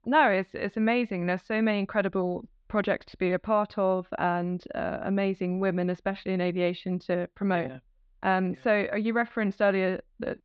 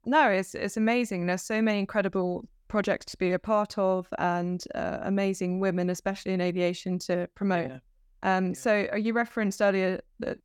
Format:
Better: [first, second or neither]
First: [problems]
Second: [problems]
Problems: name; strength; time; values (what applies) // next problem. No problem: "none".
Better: second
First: muffled; slightly; fading above 4 kHz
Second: none